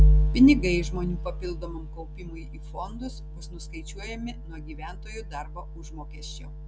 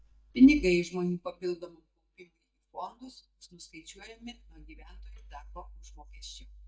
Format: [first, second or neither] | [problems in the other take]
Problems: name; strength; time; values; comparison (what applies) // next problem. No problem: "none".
first | noise reduction (neural mask model DeepFilterNet 3)